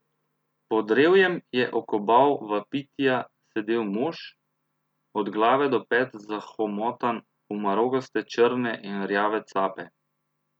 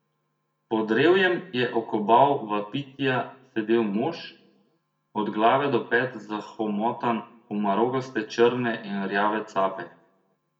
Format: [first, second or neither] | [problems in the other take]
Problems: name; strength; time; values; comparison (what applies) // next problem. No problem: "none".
first | room echo; dies away in 0.5 s